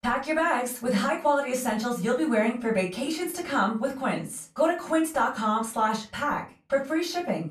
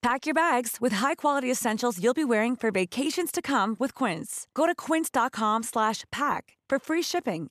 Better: second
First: off-mic speech; far // room echo; very slight; dies away in 0.3 s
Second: none

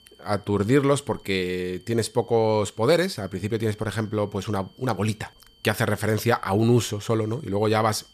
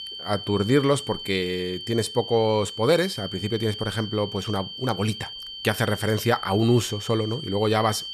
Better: first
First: high-pitched whine; faint; throughout; 3 kHz, 30 dB below the speech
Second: high-pitched whine; loud; throughout; 3 kHz, 9 dB below the speech

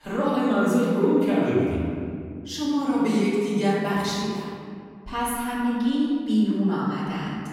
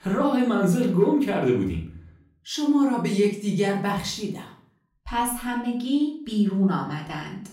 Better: second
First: room echo; strong; dies away in 2.1 s // off-mic speech; far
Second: room echo; slight; dies away in 0.4 s // off-mic speech; far

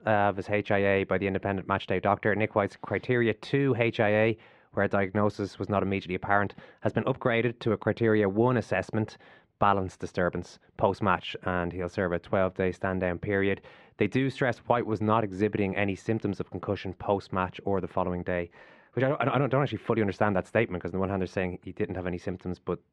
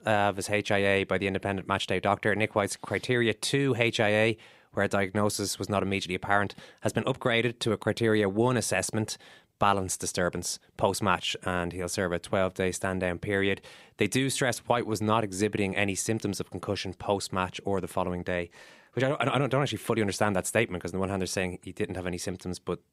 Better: second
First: muffled; very; fading above 2 kHz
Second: none

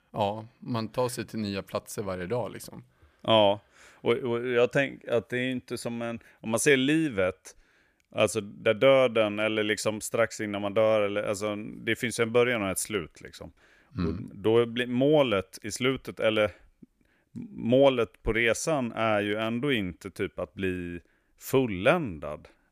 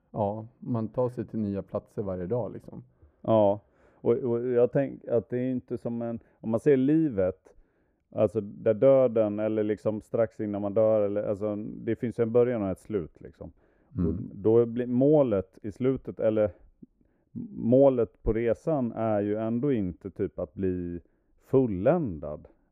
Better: first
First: none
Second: muffled; very; fading above 1.5 kHz

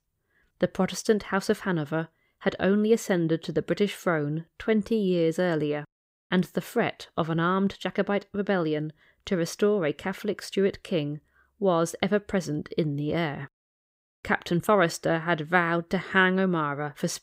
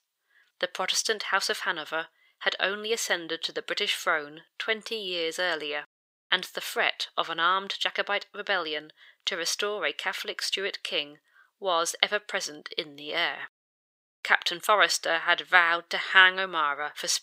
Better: first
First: none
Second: thin; very; fading below 800 Hz

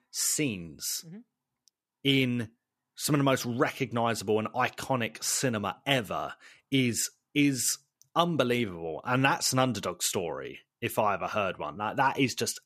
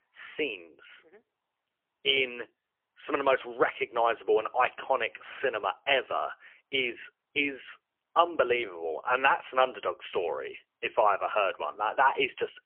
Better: first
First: none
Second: phone-call audio; poor line; nothing above 3 kHz

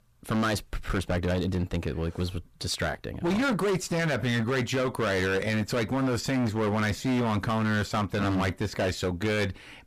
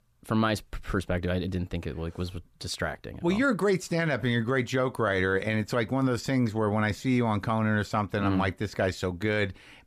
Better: second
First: distortion; heavy; 21% of the sound clipped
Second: none

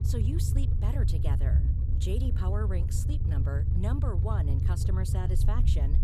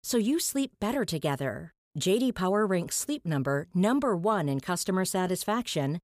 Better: second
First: low rumble; loud; throughout; 2 dB below the speech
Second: none

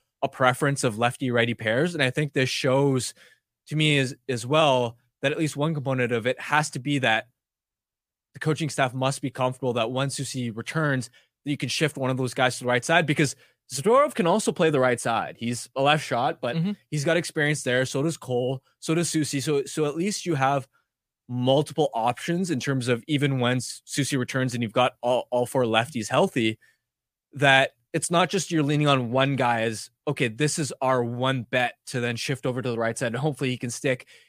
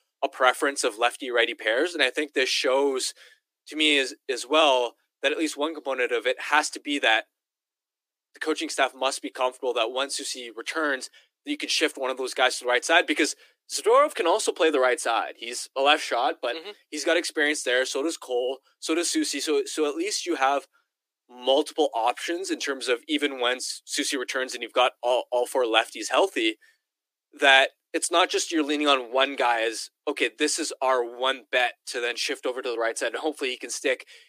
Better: first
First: none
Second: thin; somewhat; fading below 300 Hz

